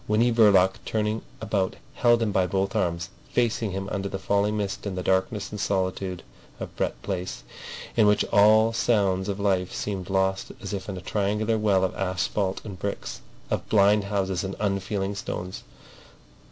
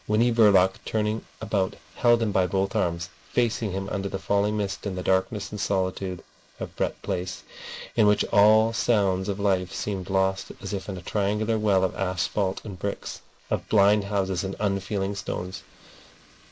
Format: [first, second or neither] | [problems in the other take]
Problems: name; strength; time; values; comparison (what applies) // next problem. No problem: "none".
first | noise reduction (neural mask model Resemble Enhance denoiser)